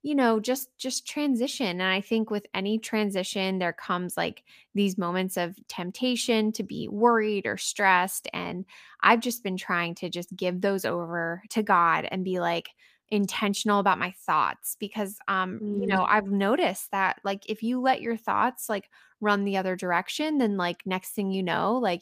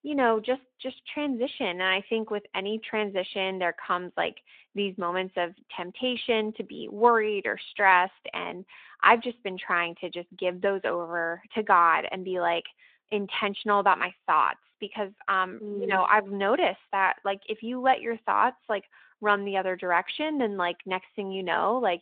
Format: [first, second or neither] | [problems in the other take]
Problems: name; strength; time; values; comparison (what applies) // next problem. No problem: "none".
first | phone-call audio